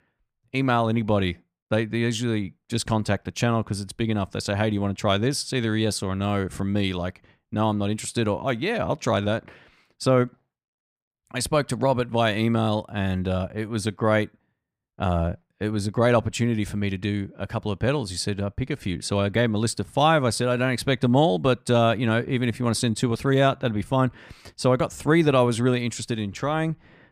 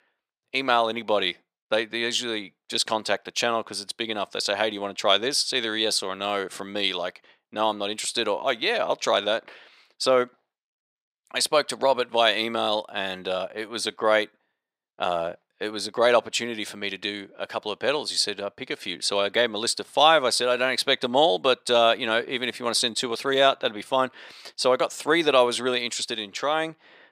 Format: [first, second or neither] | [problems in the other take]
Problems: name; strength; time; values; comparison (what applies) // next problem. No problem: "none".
first | thin; very; fading below 500 Hz